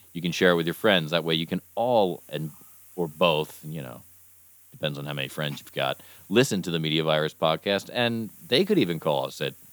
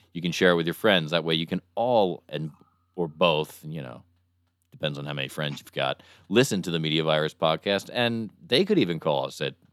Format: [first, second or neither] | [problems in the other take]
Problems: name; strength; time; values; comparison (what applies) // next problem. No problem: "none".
second | hiss; faint; throughout; 25 dB below the speech